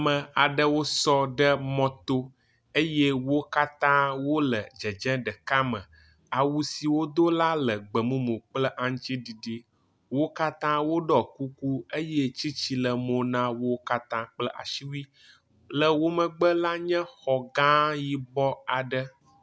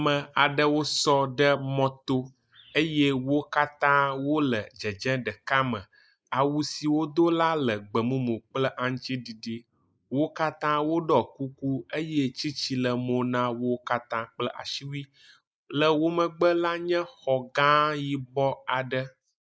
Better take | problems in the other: first | noise reduction (neural mask model Resemble Enhance denoiser)

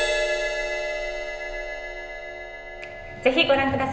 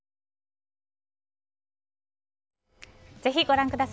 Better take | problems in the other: second | background sound (Crash cymbal); 2 dB below the speech // room echo; dies away in 0.9 s

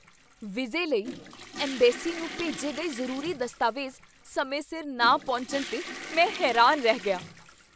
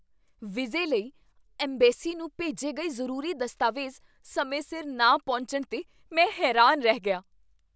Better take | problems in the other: second | background sound (Toilet flush / Water); 13 dB below the speech

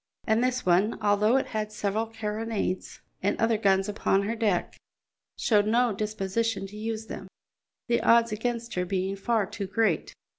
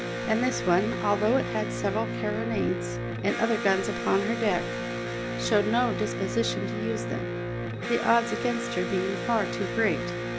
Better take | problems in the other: first | background sound (Electric guitar); 3 dB below the speech

